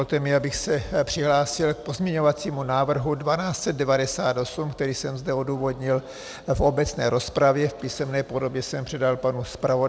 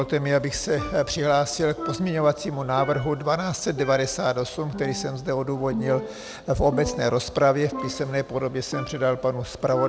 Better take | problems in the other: first | background sound (Percussion); 13 dB below the speech

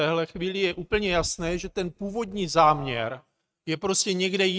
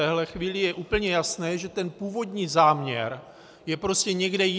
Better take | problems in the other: second | noise reduction (neural mask model RNNoise)

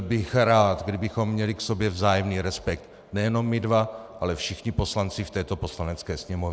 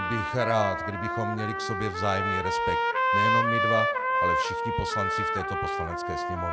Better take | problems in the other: first | background sound (Trumpet); 4 dB above the speech

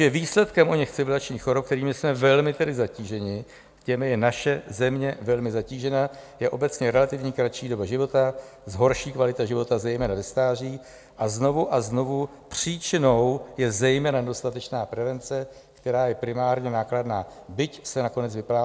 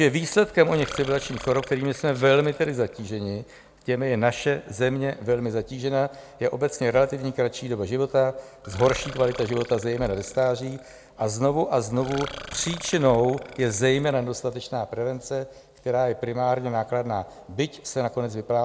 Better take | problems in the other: first | background sound (Burping, eructation); 16 dB below the speech

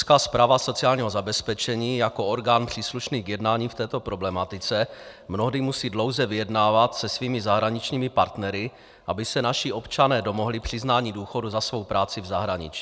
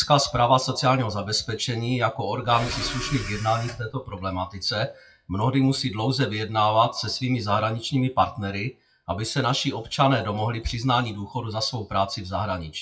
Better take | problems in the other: first | noise reduction (classical method WPE with log-MMSE)

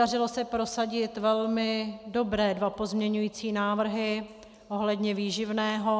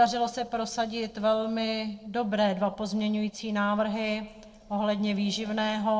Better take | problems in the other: first | noise reduction (neural separator model SepFormer DNS4)

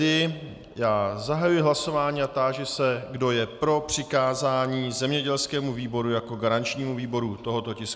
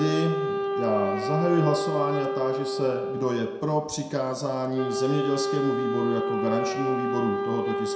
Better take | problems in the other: first | background sound (Wind instrument, woodwind instrument); 1 dB below the speech // room echo; dies away in 0.6 s

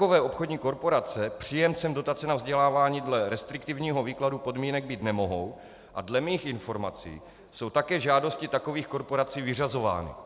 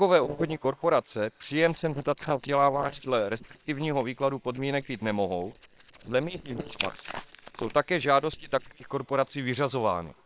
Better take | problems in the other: first | noise reduction (neural separator model SepFormer WHAM!)

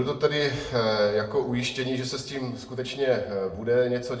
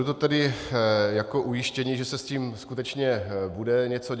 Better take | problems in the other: second | room echo; dies away in 0.6 s

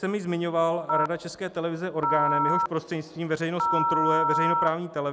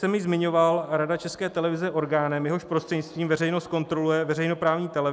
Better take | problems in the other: second | background sound (Telephone); 1 dB above the speech

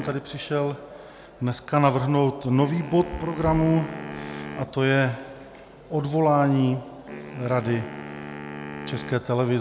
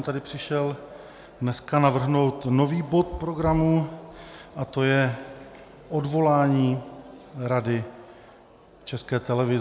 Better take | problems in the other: second | background sound (Wind instrument, woodwind instrument); 15 dB below the speech

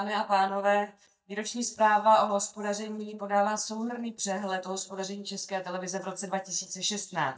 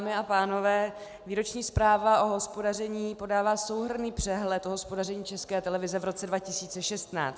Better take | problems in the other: second | noise reduction (neural mask model DeepFilterNet 3)

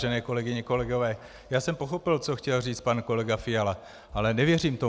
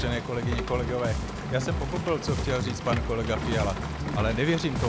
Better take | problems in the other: first | background sound (Bass guitar + Rain); 1 dB below the speech

